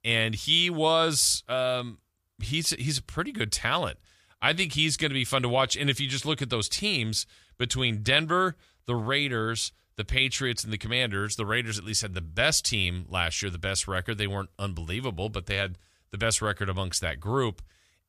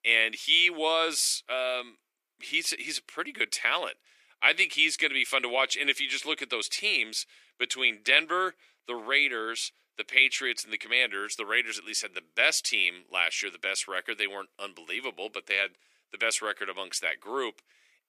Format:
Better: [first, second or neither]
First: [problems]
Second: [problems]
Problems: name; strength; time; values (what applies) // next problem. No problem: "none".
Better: first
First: none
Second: thin; very; fading below 300 Hz